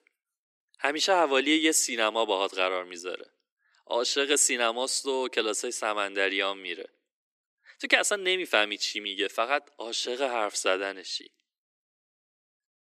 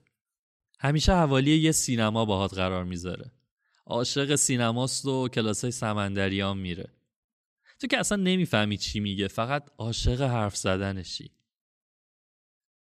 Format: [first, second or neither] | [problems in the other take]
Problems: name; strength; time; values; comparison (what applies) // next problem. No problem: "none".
second | thin; very; fading below 300 Hz